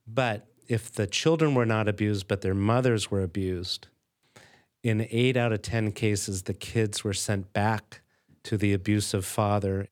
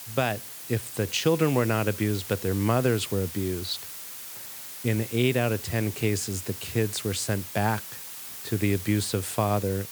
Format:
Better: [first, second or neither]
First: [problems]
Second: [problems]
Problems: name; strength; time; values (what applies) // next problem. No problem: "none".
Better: first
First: none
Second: hiss; loud; throughout; 9 dB below the speech